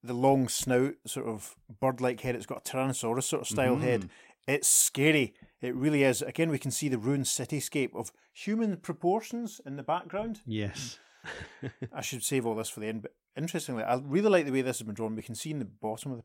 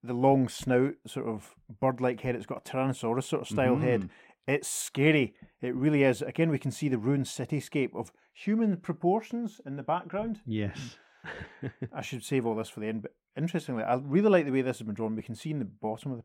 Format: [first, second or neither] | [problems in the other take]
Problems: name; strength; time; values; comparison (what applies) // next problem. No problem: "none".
first | muffled; slightly; fading above 4 kHz